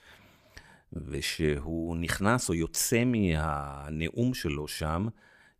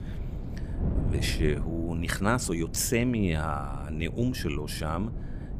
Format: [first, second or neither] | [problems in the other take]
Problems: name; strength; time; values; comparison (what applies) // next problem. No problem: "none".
first | wind noise on the microphone; occasional gusts; 15 dB below the speech